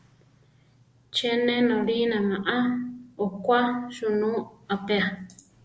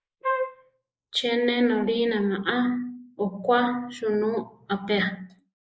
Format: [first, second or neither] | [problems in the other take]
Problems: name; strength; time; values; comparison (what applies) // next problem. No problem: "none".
first | noise reduction (neural mask model Resemble Enhance denoiser)